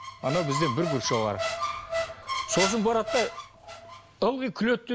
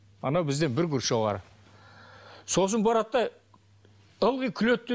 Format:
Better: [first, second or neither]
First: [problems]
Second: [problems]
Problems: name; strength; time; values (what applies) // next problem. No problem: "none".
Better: second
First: background sound (Squeak); 4 dB below the speech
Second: none